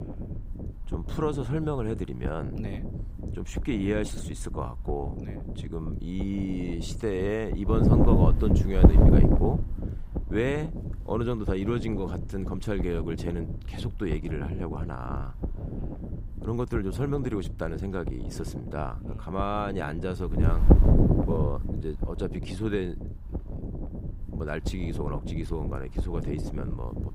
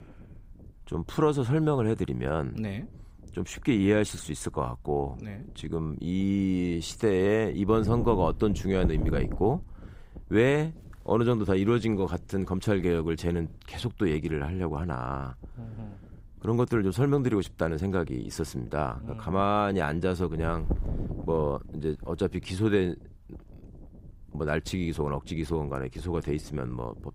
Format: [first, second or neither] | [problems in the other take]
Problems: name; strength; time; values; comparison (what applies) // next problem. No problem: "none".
second | wind noise on the microphone; heavy; 3 dB below the speech; occasional gusts in the second